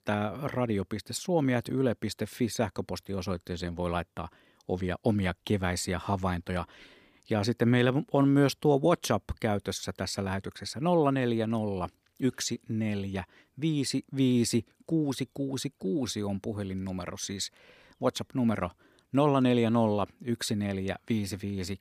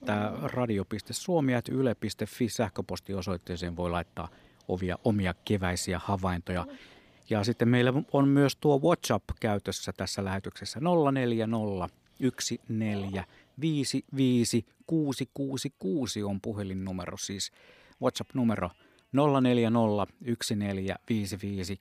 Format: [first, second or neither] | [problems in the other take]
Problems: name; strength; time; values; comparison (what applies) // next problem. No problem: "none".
first | animal sounds; faint; throughout; 25 dB below the speech